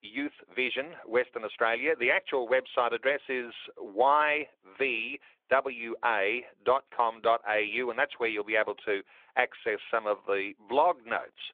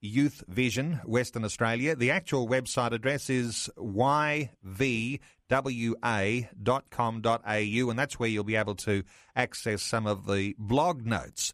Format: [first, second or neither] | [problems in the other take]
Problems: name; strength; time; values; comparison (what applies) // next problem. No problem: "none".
second | phone-call audio